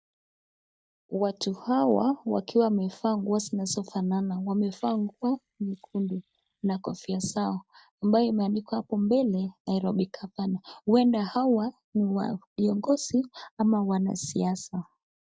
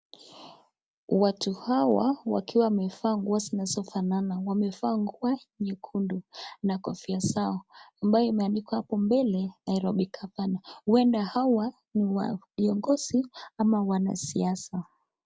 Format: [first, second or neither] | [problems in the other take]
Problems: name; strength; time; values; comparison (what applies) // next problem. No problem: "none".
second | noise reduction (neural mask model DeepFilterNet 3)